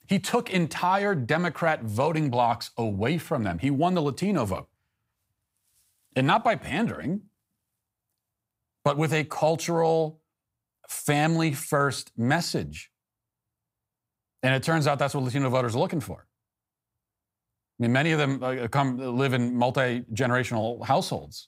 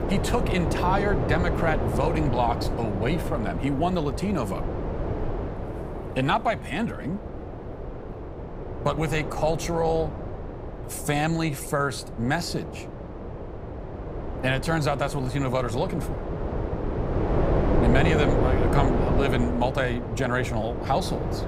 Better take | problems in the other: first | wind noise on the microphone; heavy; 5 dB below the speech

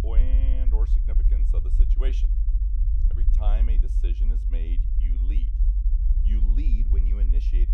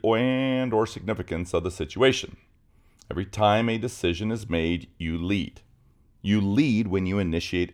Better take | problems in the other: second | low rumble; loud; throughout; 2 dB below the speech

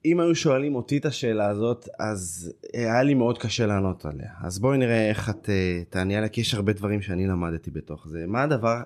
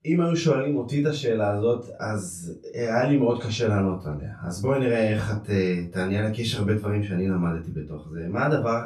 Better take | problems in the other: first | off-mic speech; far // room echo; very slight; dies away in 0.2 s

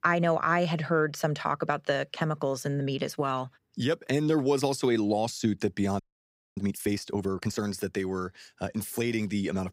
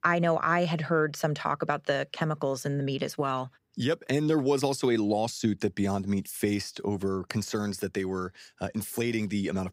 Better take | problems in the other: second | audio freezing; at 6 s for 0.5 s

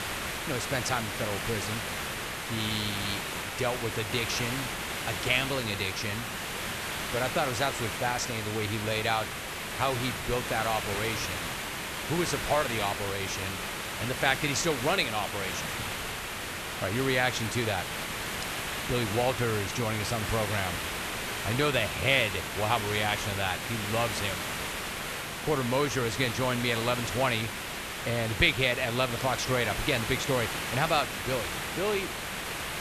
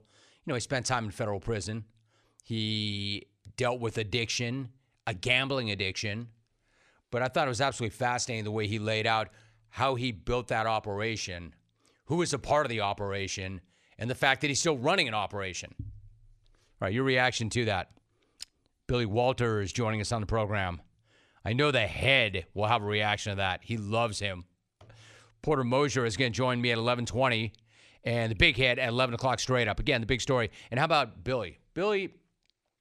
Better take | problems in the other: second | hiss; loud; throughout; 3 dB below the speech

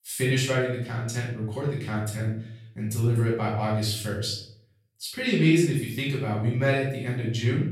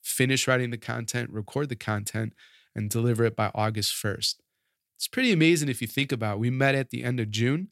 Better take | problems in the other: second | off-mic speech; far // room echo; noticeable; dies away in 0.6 s

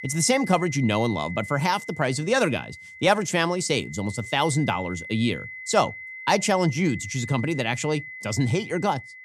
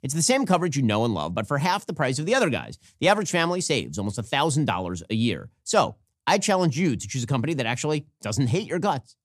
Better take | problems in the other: second | high-pitched whine; noticeable; throughout; 2 kHz, 15 dB below the speech

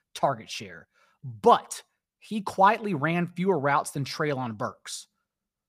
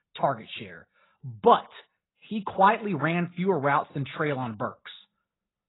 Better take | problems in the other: first | garbled, watery; badly; nothing above 4 kHz

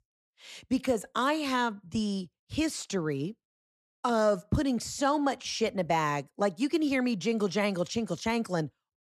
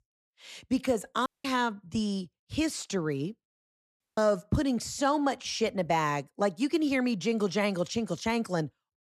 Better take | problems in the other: first | audio cutting out; at 1.5 s and at 4 s

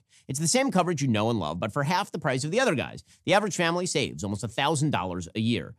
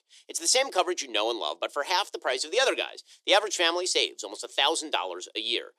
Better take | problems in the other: first | thin; very; fading below 350 Hz

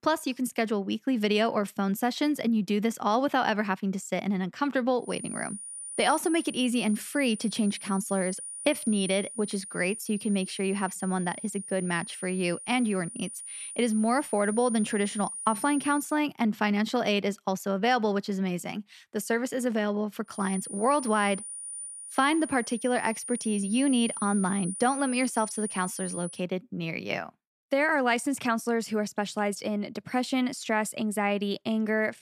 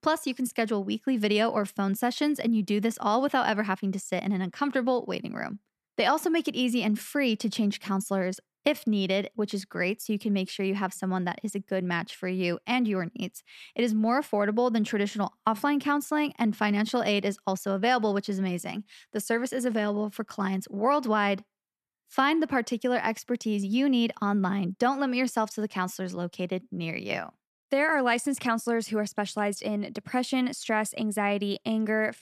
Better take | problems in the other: second | high-pitched whine; loud; from 5 to 16 s and from 20 to 26 s; 9.5 kHz, 9 dB below the speech

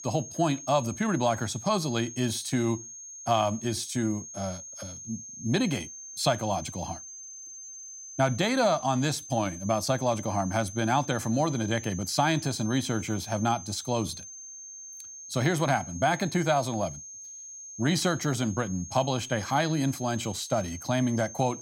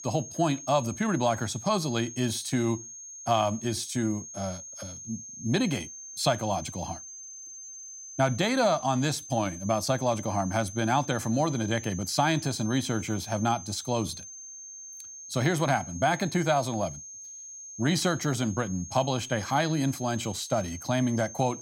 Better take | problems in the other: neither | high-pitched whine; noticeable; throughout; 6.5 kHz, 10 dB below the speech; the same in both

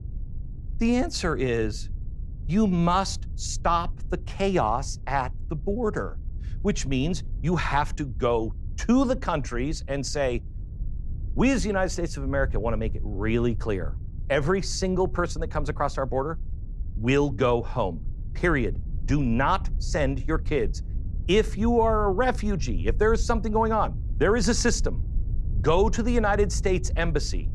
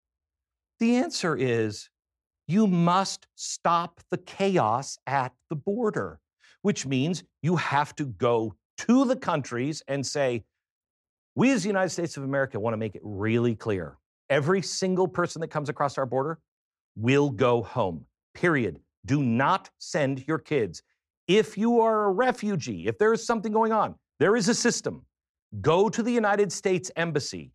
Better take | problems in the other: second | low rumble; faint; throughout; 25 dB below the speech

